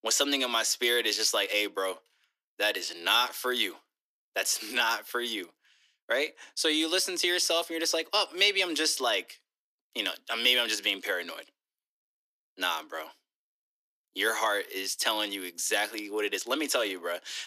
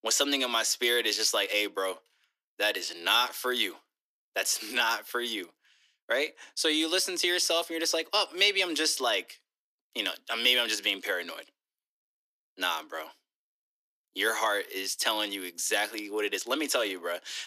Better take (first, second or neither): neither